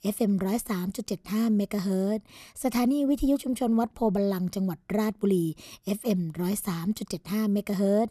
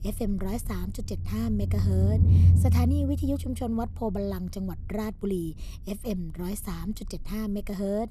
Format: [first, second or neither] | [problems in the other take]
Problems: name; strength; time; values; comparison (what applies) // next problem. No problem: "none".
first | low rumble; loud; throughout; 4 dB below the speech